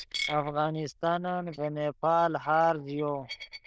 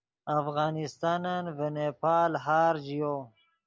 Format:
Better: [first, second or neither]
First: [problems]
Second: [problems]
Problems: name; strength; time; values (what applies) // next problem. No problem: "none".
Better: second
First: noise reduction (neural diffusion model UNIVERSE++)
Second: none